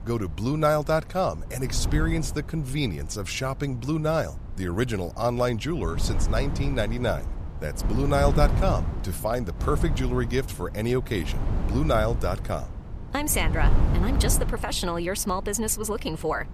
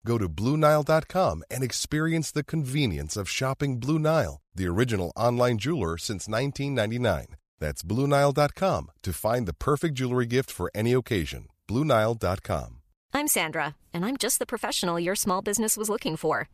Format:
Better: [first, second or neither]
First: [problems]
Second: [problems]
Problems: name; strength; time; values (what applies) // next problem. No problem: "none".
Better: second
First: wind noise on the microphone; occasional gusts; 15 dB below the speech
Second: none